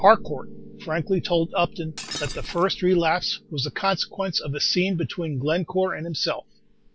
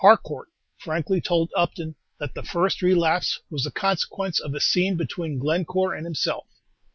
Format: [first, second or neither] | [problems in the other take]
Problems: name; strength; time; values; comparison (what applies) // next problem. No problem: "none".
second | background sound (Shatter + Piano); 16 dB below the speech